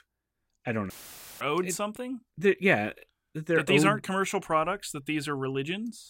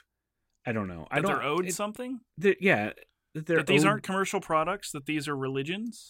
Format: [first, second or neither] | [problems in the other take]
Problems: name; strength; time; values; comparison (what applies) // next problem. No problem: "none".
second | audio cutting out; filled with static; at 1 s for 0.5 s